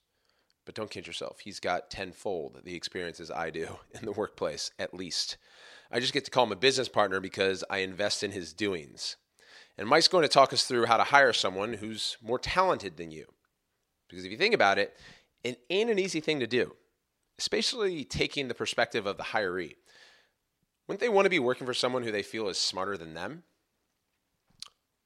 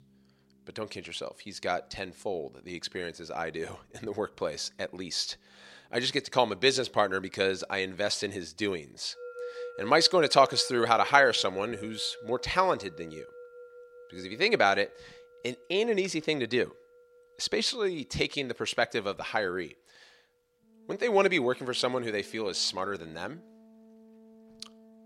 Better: first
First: none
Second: background music; noticeable; throughout; 20 dB below the speech

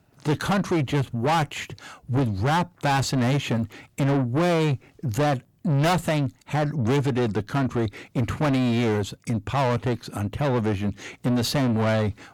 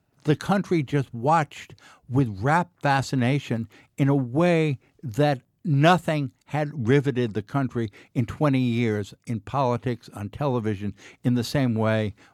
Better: second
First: distortion; heavy; 7 dB below the speech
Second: none

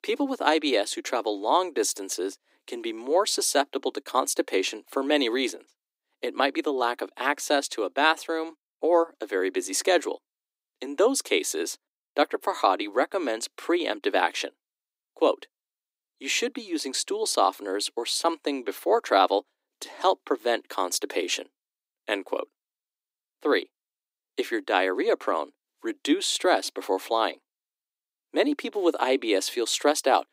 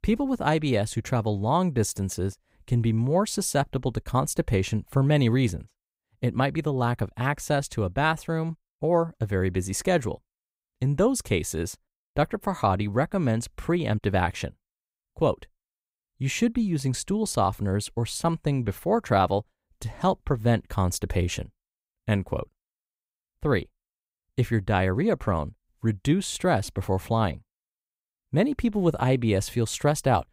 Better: second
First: thin; somewhat; fading below 300 Hz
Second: none

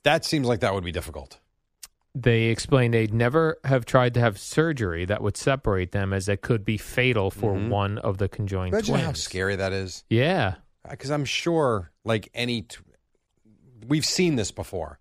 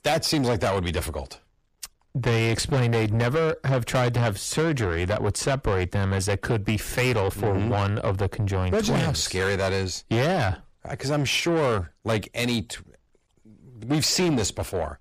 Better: first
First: none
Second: distortion; heavy; 6 dB below the speech

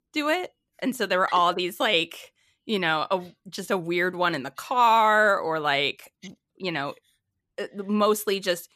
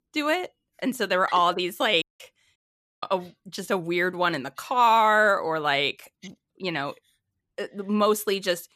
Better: first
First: none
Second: audio cutting out; at 2 s and at 2.5 s

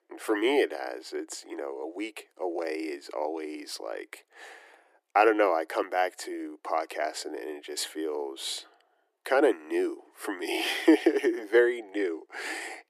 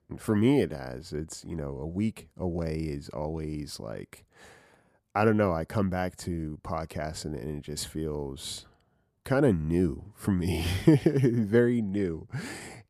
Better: second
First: thin; very; fading below 300 Hz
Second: none

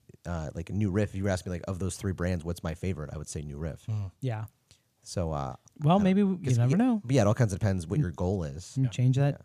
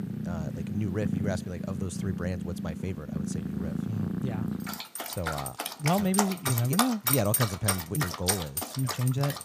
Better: first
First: none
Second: animal sounds; very loud; throughout; as loud as the speech

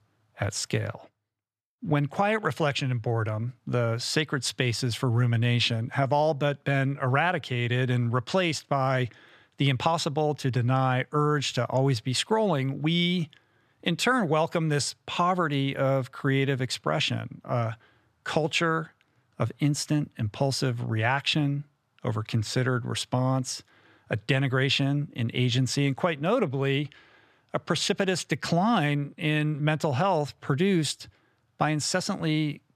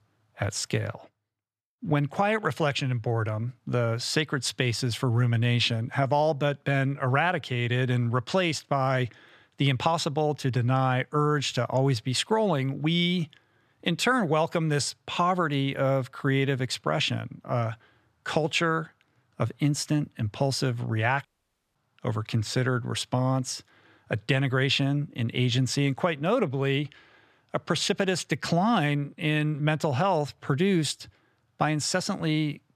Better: first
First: none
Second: audio cutting out; at 21 s for 0.5 s

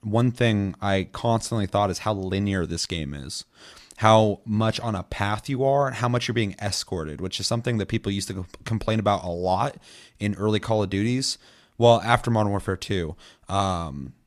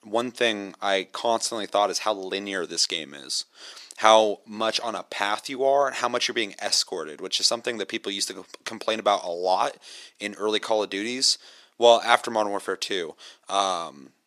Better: first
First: none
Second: thin; very; fading below 350 Hz

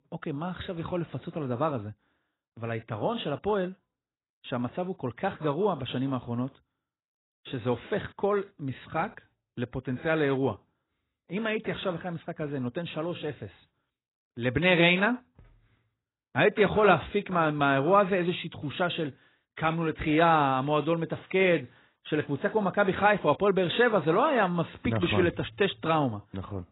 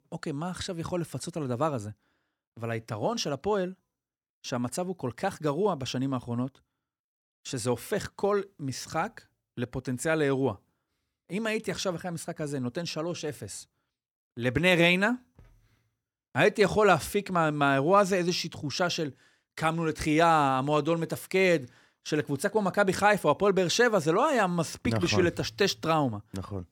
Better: second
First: garbled, watery; badly; nothing above 4 kHz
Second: none

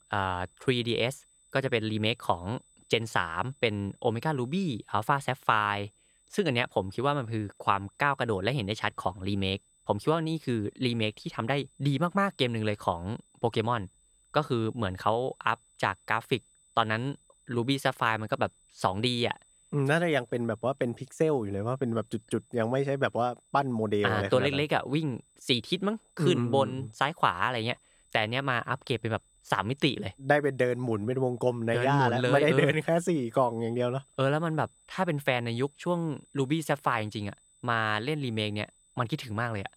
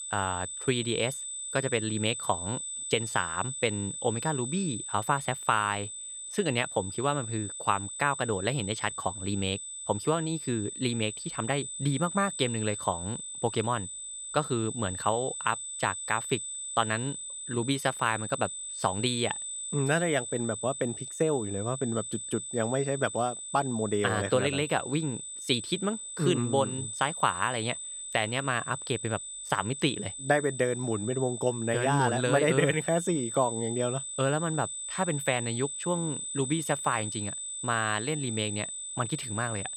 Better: first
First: high-pitched whine; faint; throughout; 8 kHz, 30 dB below the speech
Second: high-pitched whine; loud; throughout; 8 kHz, 5 dB below the speech

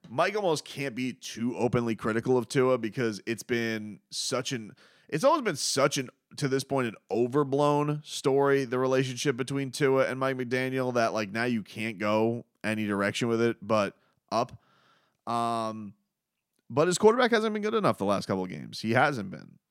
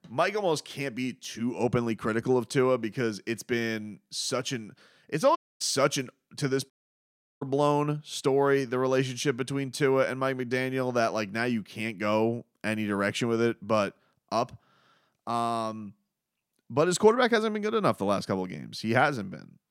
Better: first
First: none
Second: audio cutting out; at 5.5 s and at 6.5 s for 0.5 s

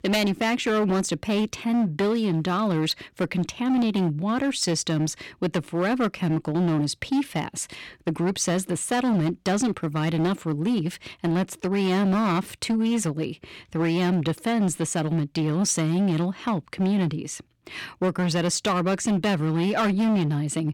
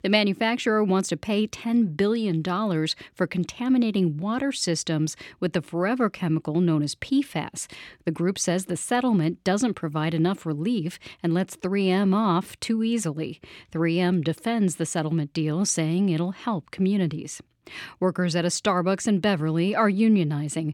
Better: second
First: distortion; slight; 16% of the sound clipped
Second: none

